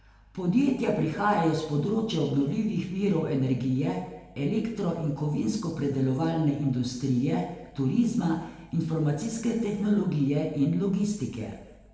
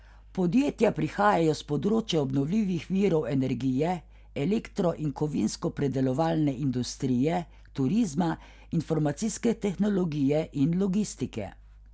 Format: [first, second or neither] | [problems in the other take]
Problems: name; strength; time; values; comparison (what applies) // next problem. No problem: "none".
second | room echo; dies away in 1 s